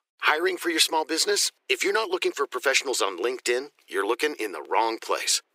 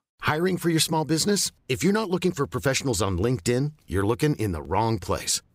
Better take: second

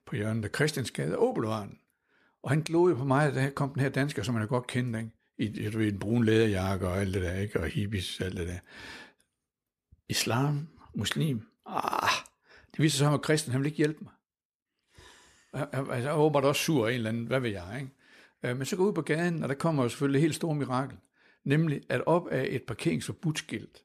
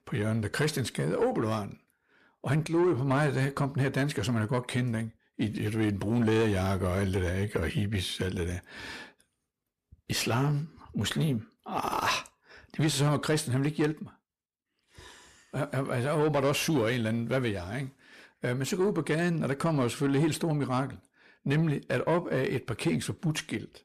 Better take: first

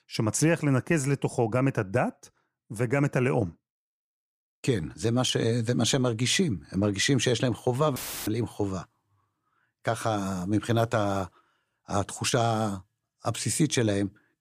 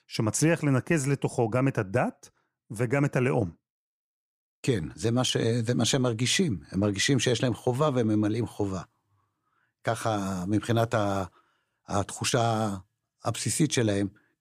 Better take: second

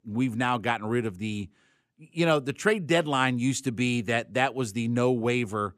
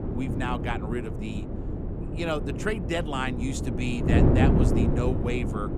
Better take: first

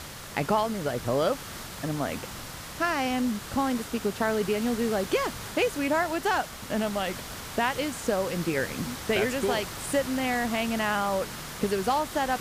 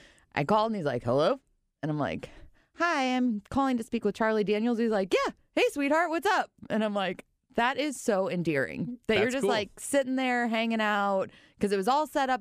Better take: second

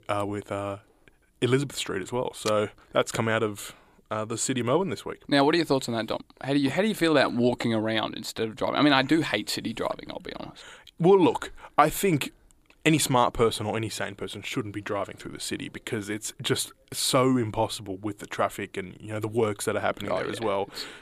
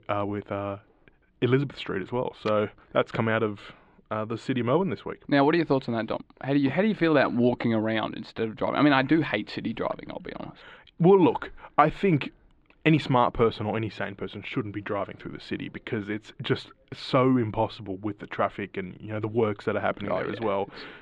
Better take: first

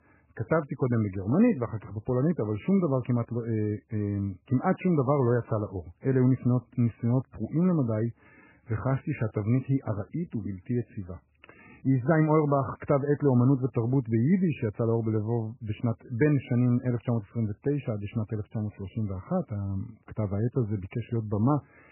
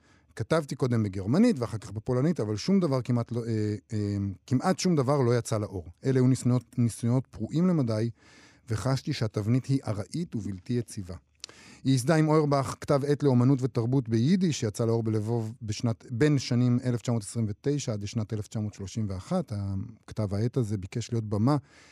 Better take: second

